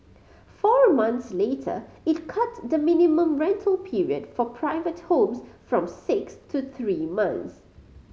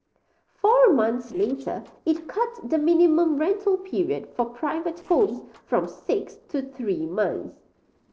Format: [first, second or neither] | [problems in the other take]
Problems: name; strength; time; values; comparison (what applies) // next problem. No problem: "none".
first | noise reduction (neural separator model SepFormer DNS4)